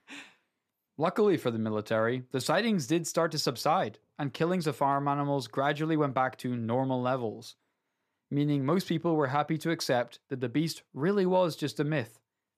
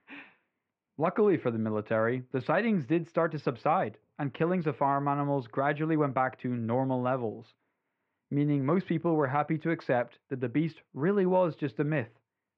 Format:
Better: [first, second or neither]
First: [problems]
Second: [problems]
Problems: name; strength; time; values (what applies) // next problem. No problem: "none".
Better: first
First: none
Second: muffled; very; fading above 2.5 kHz